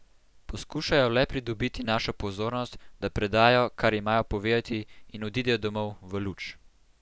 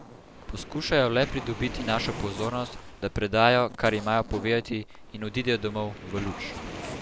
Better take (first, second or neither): first